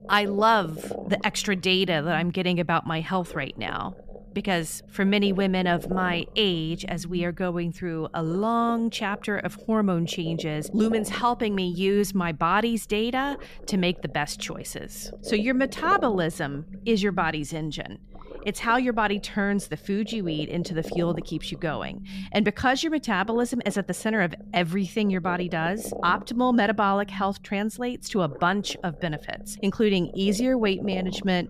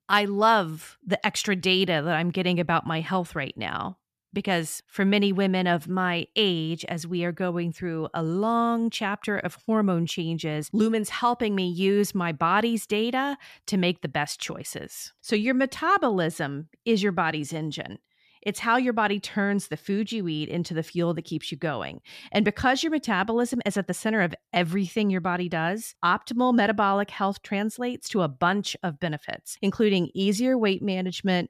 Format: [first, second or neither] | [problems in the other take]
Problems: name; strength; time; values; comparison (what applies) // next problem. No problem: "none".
second | low rumble; noticeable; throughout; 15 dB below the speech